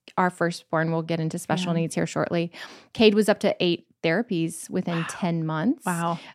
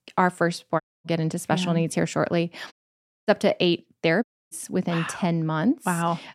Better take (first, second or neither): first